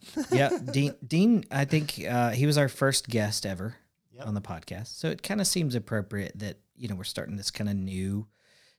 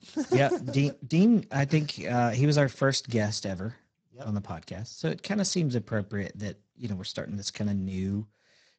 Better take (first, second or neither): first